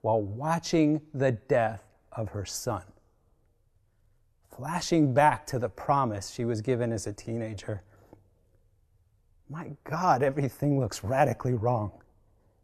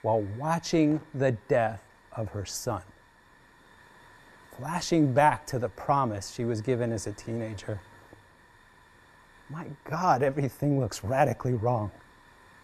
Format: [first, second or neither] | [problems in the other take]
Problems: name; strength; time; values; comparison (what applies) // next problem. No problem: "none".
first | hiss; faint; throughout; 25 dB below the speech